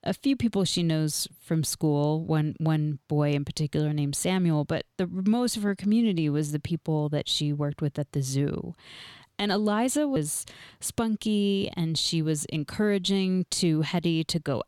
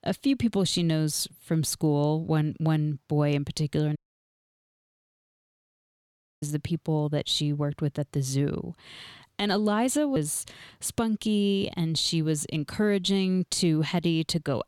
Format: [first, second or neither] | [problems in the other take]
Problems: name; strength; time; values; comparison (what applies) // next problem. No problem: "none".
first | audio cutting out; at 4 s for 2.5 s